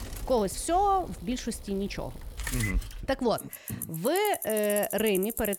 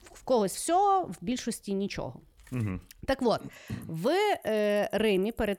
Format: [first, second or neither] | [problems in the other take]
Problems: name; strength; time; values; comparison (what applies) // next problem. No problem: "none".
second | traffic noise; loud; throughout; 8 dB below the speech; faint in the second